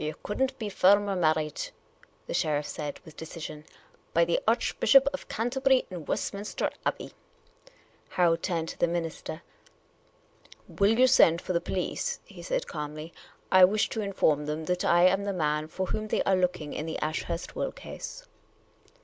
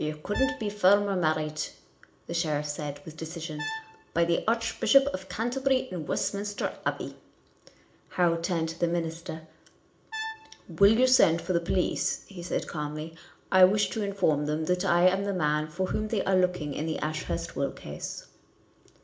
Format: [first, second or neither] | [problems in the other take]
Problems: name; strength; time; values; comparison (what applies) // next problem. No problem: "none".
first | background sound (Brass instrument); 13 dB below the speech // room echo; dies away in 0.4 s